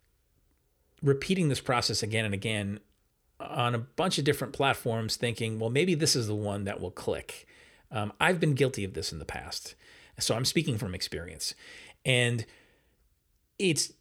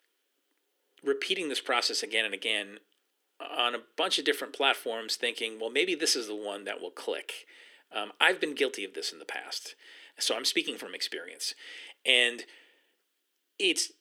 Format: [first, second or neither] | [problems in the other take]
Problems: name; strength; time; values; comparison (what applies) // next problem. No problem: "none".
first | thin; very; fading below 300 Hz